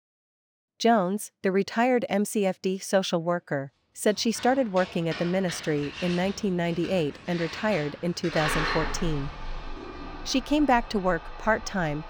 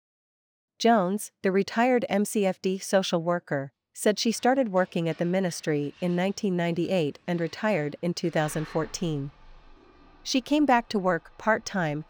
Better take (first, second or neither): second